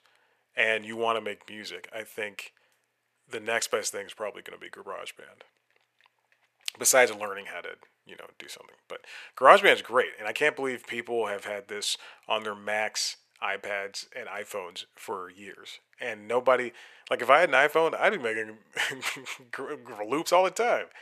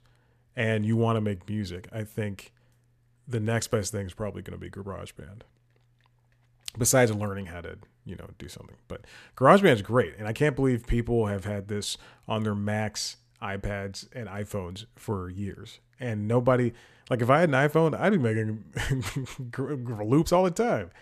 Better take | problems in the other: second | thin; very; fading below 650 Hz

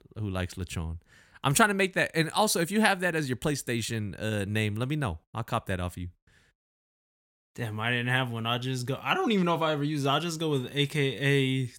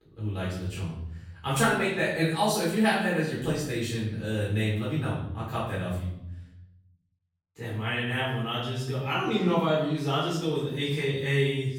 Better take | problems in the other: first | off-mic speech; far // room echo; noticeable; dies away in 0.8 s

